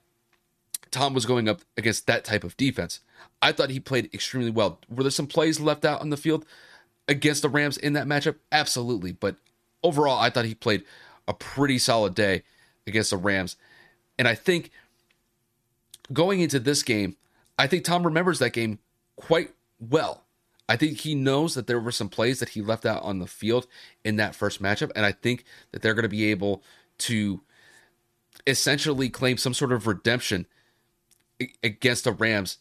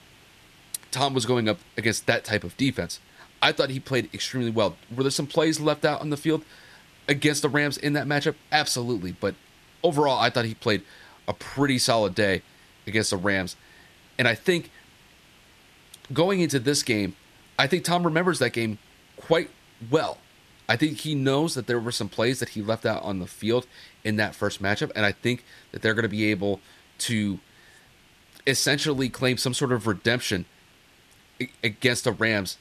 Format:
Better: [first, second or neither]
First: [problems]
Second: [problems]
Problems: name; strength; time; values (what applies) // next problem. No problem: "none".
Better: first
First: none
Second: hiss; faint; throughout; 30 dB below the speech